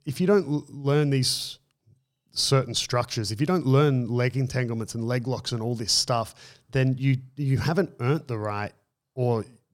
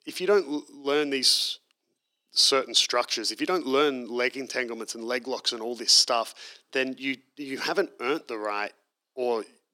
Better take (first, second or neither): first